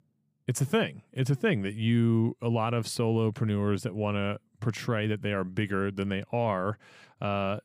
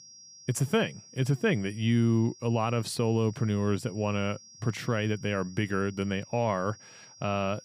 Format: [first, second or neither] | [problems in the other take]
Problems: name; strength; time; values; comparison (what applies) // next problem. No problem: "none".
first | high-pitched whine; faint; throughout; 5.5 kHz, 20 dB below the speech